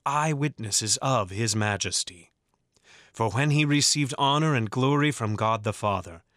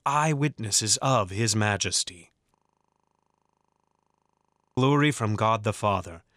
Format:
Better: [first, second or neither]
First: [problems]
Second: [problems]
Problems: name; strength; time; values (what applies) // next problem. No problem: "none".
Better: first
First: none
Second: audio freezing; at 2.5 s for 2 s